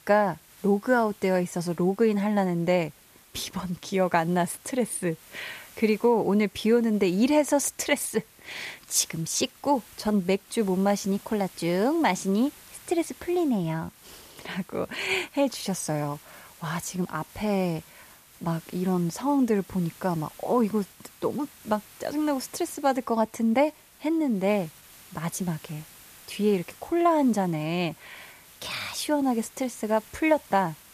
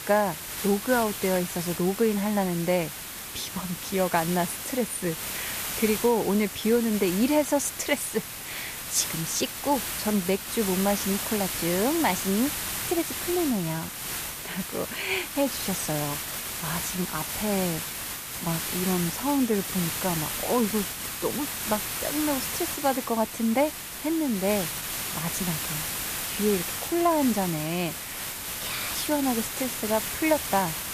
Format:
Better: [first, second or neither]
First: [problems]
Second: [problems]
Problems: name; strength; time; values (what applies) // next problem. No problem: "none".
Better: first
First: hiss; faint; throughout; 25 dB below the speech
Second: hiss; loud; throughout; 3 dB below the speech